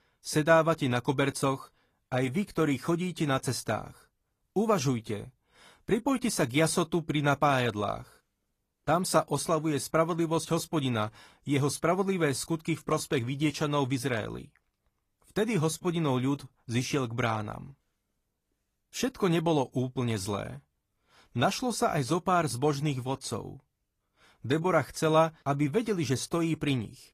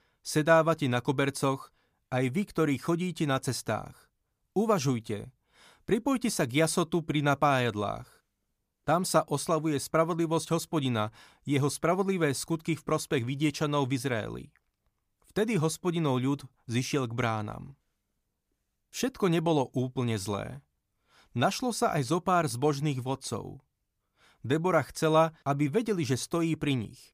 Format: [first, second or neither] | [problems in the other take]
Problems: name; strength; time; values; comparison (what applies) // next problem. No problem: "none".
second | garbled, watery; slightly; nothing above 14.5 kHz